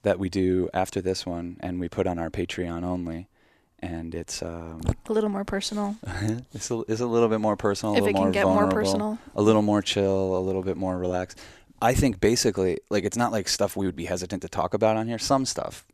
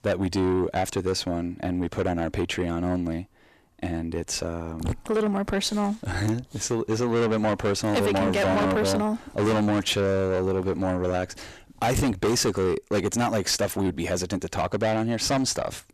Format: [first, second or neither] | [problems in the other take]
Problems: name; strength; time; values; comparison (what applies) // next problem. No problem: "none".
first | distortion; heavy; 7 dB below the speech